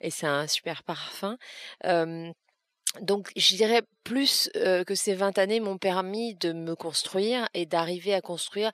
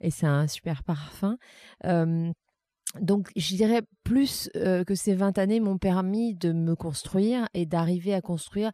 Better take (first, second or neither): second